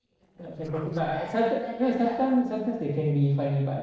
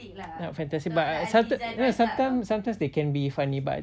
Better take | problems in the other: second | noise reduction (neural separator model SepFormer DNS4)

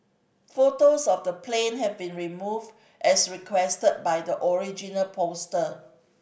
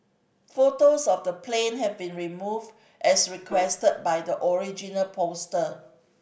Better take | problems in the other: first | background sound (Piano); 20 dB below the speech

